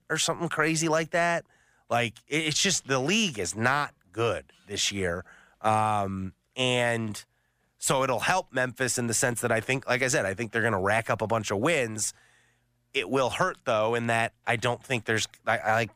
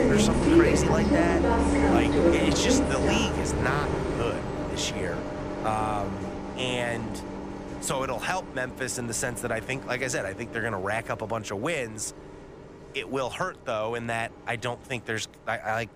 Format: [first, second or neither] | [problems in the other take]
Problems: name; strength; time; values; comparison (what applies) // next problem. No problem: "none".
first | traffic noise; very loud; throughout; 4 dB above the speech